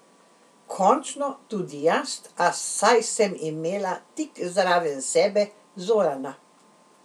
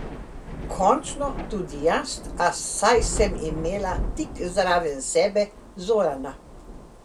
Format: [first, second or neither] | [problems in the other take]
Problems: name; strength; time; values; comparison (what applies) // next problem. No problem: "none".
first | background sound (Thunder / Rain); 9 dB below the speech